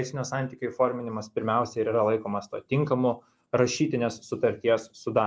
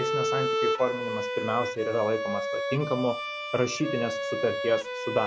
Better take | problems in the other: first | background sound (Bowed string instrument); 1 dB below the speech

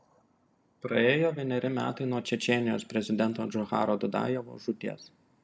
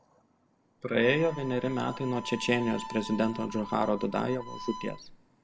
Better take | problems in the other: first | background sound (Harmonica); 13 dB below the speech

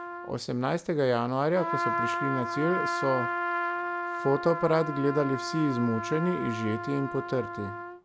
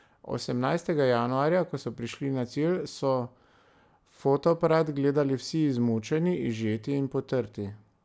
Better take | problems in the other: second | background sound (Trumpet); 4 dB below the speech

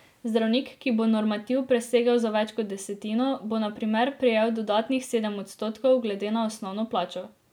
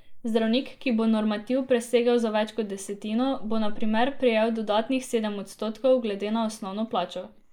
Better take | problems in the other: first | noise reduction (neural mask model Resemble Enhance denoiser)

